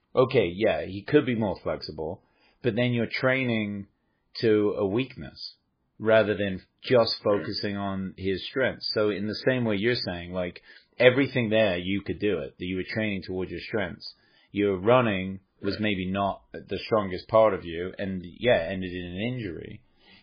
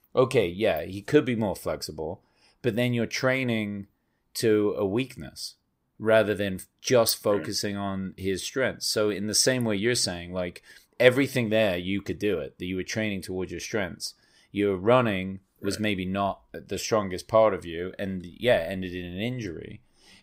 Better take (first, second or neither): second